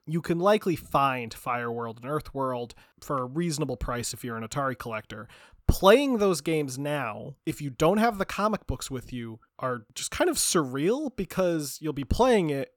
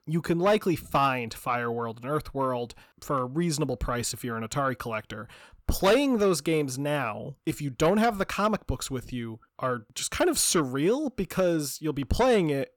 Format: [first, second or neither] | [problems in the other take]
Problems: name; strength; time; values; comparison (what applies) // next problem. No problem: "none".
first | distortion; slight; 10 dB below the speech